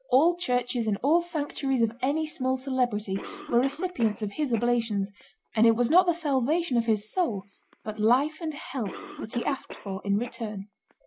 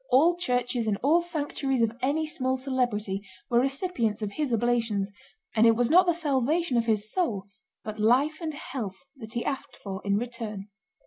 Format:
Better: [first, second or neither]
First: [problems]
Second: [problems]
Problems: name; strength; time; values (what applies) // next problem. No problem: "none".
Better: second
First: background sound (Cough); 19 dB below the speech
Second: none